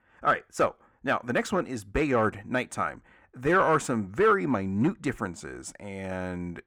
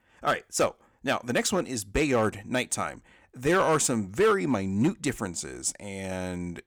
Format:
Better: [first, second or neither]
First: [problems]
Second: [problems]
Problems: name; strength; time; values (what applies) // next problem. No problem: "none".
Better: second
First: muffled; slightly; fading above 3 kHz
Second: none